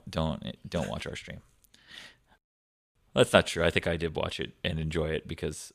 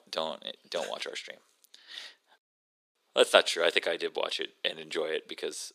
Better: first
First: none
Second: thin; very; fading below 350 Hz

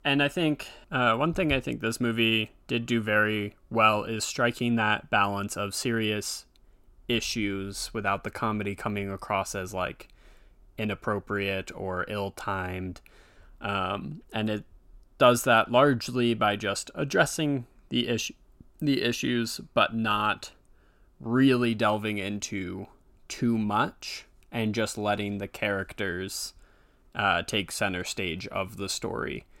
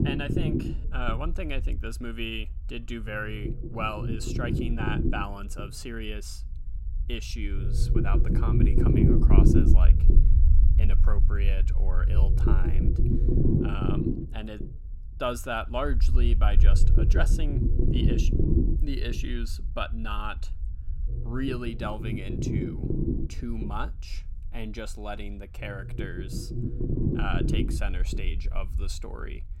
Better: first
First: none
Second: low rumble; loud; throughout; 1 dB below the speech

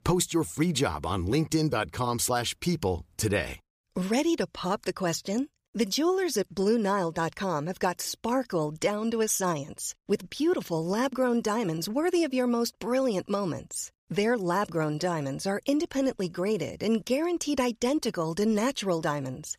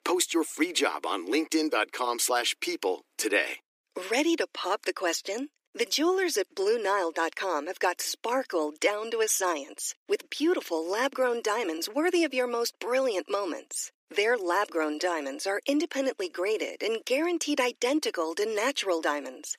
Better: first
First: none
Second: thin; somewhat; fading below 300 Hz

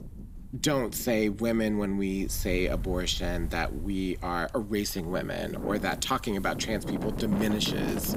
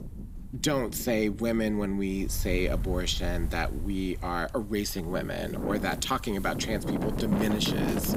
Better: first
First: wind noise on the microphone; occasional gusts; 10 dB below the speech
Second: wind noise on the microphone; heavy; 8 dB below the speech

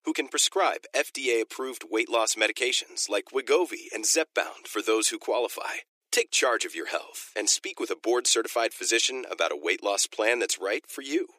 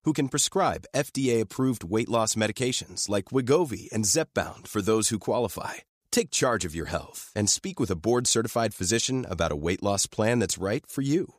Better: second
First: thin; very; fading below 300 Hz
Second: none

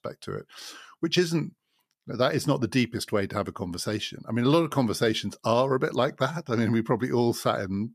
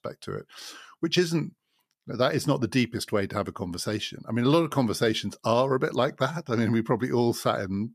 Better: neither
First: none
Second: none

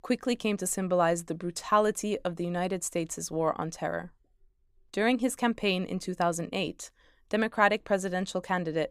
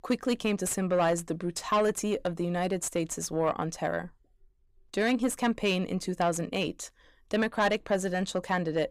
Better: first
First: none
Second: distortion; slight; 10 dB below the speech

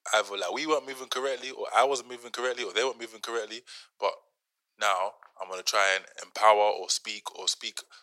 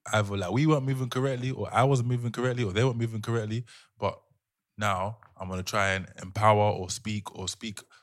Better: second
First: thin; very; fading below 400 Hz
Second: none

